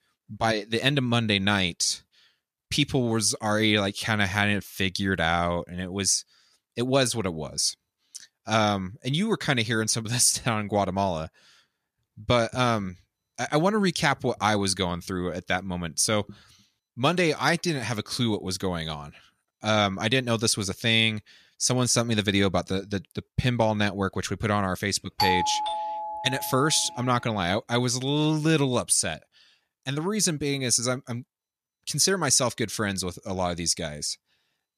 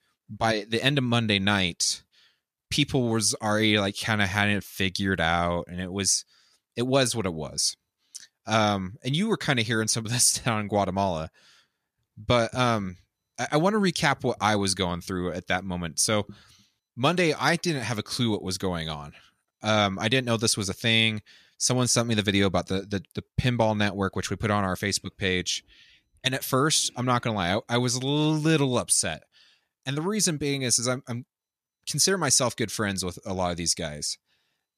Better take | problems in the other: second | doorbell; loud; from 25 to 27 s; peak level with the speech

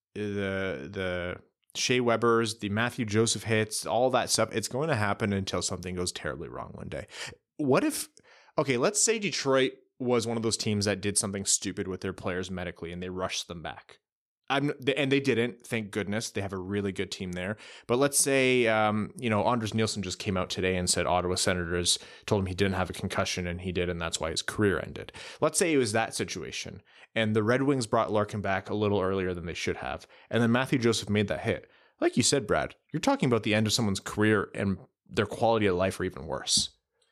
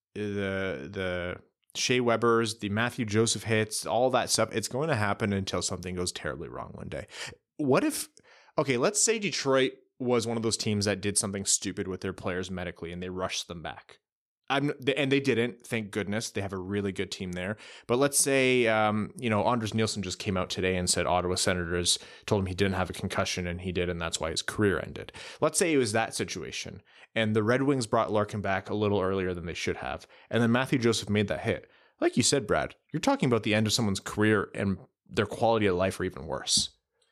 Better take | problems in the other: neither | none

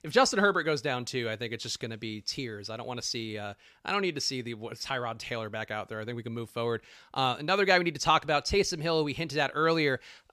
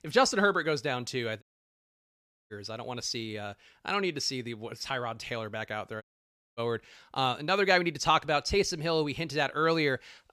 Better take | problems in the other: first | audio cutting out; at 1.5 s for 1 s and at 6 s for 0.5 s

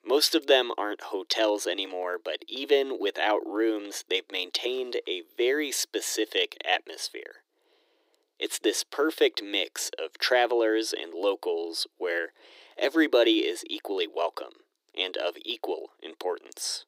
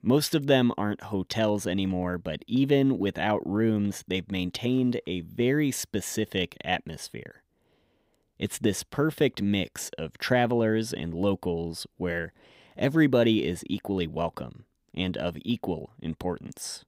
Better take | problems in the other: second | thin; very; fading below 300 Hz

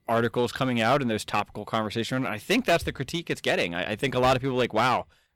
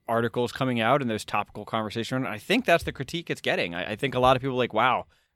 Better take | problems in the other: second | distortion; slight; 7% of the sound clipped

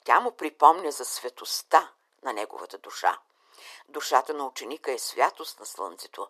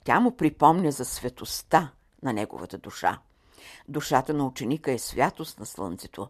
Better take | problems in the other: second | thin; very; fading below 400 Hz

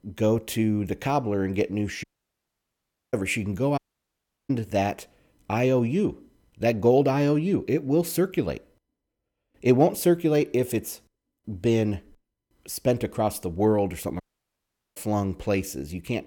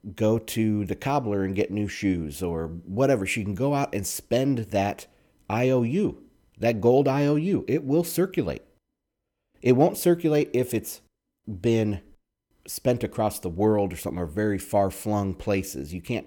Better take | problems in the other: second | audio cutting out; at 2 s for 1 s, at 4 s for 0.5 s and at 14 s for 1 s

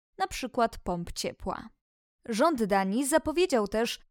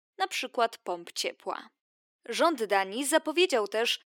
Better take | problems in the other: first | thin; somewhat; fading below 350 Hz

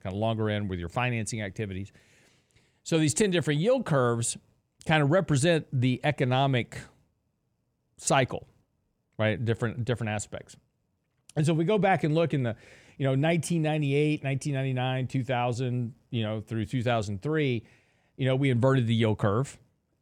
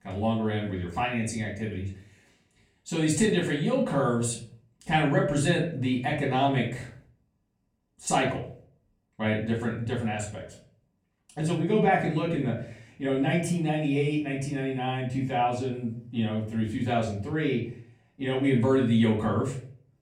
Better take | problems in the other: first | off-mic speech; far // room echo; slight; dies away in 0.4 s

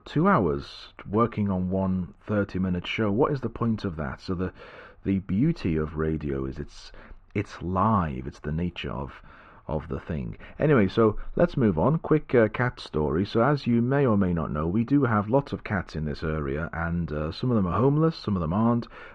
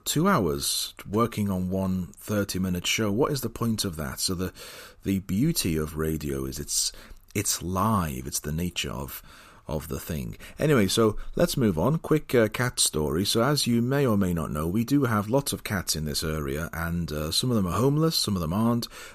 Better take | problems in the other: second | muffled; very; fading above 2.5 kHz

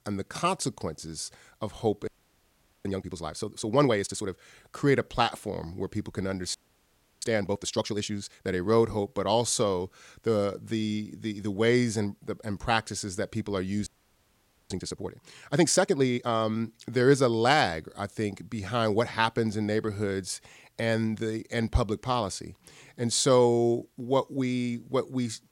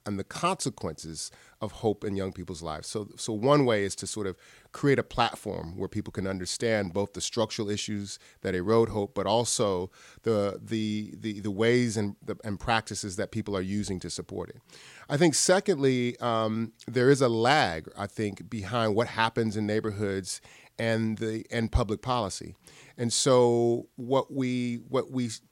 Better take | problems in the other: second | audio freezing; at 2 s for 1 s, at 6.5 s for 0.5 s and at 14 s for 1 s

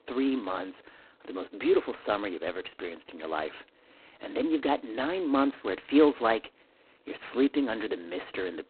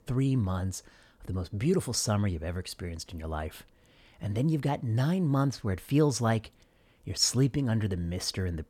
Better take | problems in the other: second | phone-call audio; poor line; nothing above 4 kHz

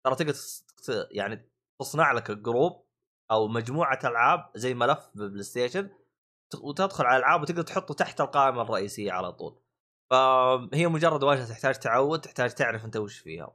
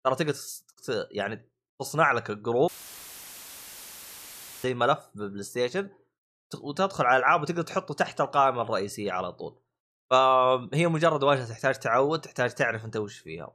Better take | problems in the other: first | audio cutting out; filled with static; at 2.5 s for 2 s

